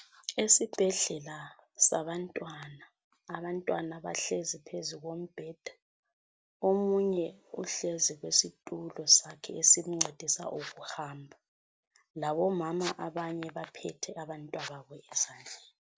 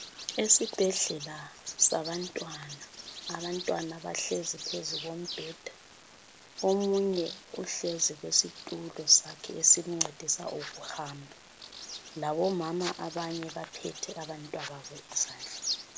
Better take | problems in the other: first | background sound (Bird vocalization, bird call, bird song); 12 dB below the speech

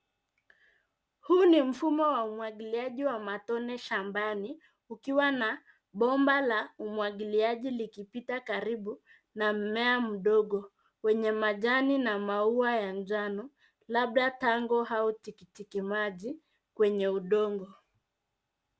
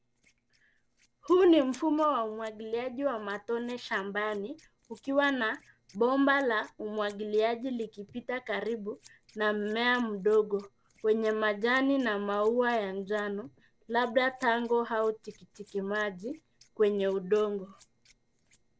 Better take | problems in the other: first | noise reduction (neural separator model SepFormer DNS4)

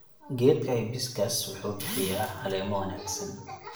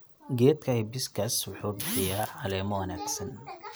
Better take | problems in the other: second | room echo; dies away in 0.7 s

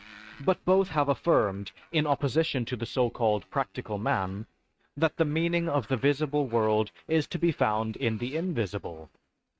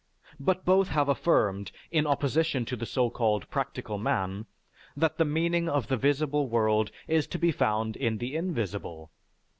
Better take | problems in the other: second | noise reduction (neural mask model RNNoise)

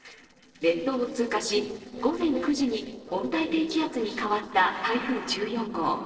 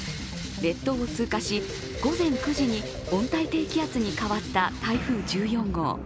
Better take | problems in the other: second | noise reduction (neural separator model SepFormer DNS4)

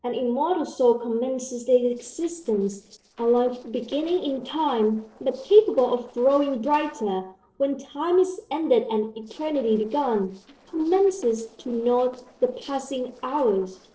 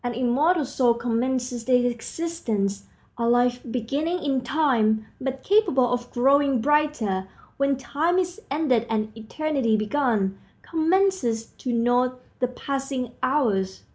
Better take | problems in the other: second | noise reduction (neural separator model SepFormer DNS4)

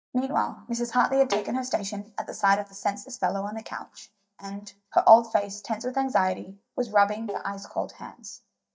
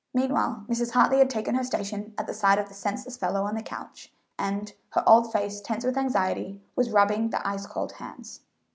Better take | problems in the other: second | noise reduction (neural mask model DeepFilterNet 3)

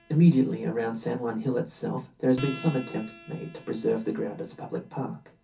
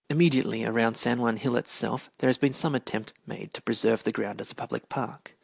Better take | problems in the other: second | background sound (Acoustic guitar); 19 dB below the speech // room echo; dies away in 0.3 s

